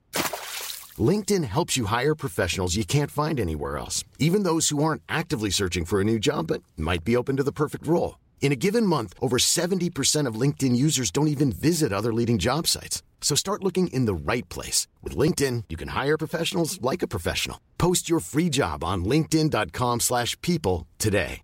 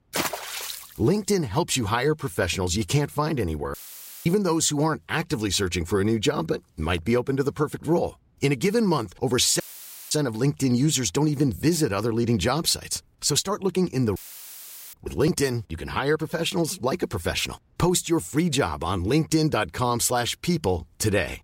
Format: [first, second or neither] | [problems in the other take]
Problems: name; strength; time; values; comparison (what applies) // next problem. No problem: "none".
first | audio cutting out; filled with static; at 3.5 s for 0.5 s, at 9.5 s for 0.5 s and at 14 s for 1 s